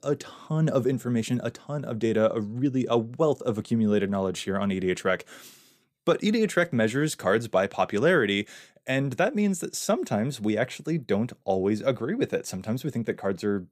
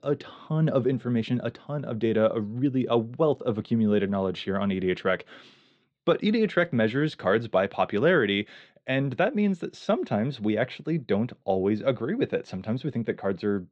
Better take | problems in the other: first | muffled; slightly; fading above 4 kHz

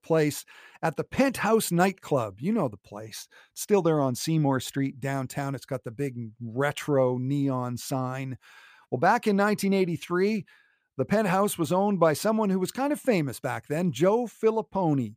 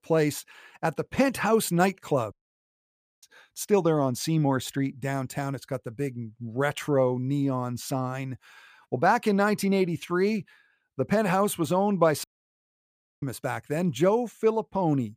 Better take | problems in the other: first | audio cutting out; at 2.5 s for 1 s and at 12 s for 1 s

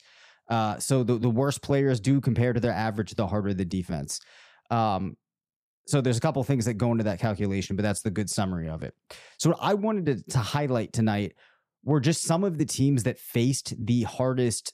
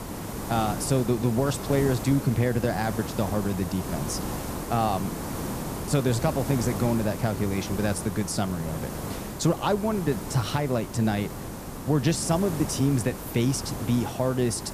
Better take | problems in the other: first | hiss; loud; throughout; 8 dB below the speech

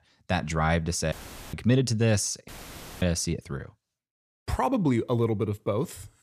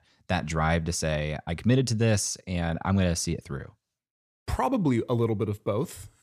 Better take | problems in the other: second | audio cutting out; filled with static; at 1 s and at 2.5 s for 0.5 s

